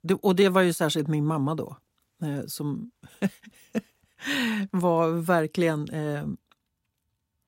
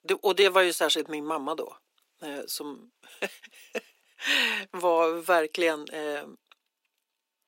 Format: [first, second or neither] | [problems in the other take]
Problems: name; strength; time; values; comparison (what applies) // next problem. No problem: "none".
first | thin; very; fading below 350 Hz